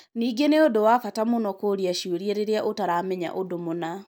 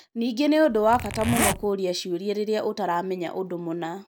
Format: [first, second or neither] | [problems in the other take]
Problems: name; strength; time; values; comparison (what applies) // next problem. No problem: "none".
first | background sound (Zipper (clothing)); 3 dB below the speech